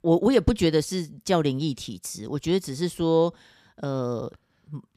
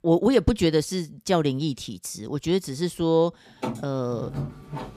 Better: first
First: none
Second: machinery noise; noticeable; from 4 s on; 10 dB below the speech

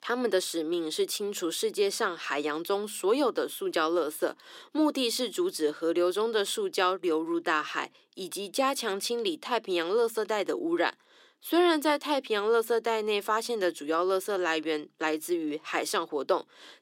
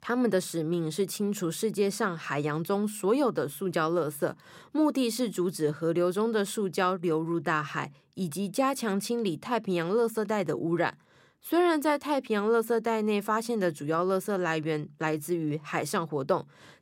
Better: second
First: thin; somewhat; fading below 300 Hz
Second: none

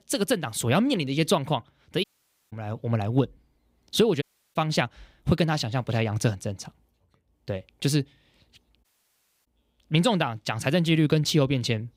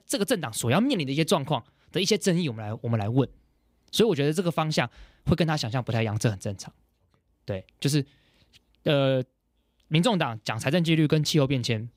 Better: second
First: audio cutting out; at 2 s, at 4 s and at 9 s for 0.5 s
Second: none

